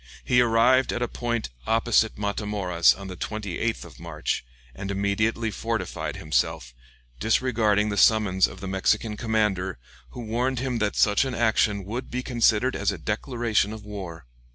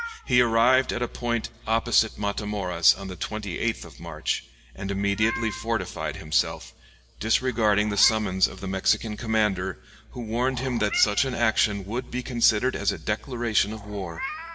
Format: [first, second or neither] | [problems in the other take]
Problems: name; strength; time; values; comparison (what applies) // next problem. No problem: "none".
first | background sound (Meow); 16 dB below the speech // room echo; dies away in 1 s